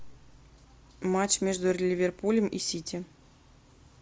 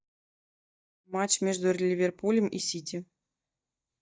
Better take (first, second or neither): first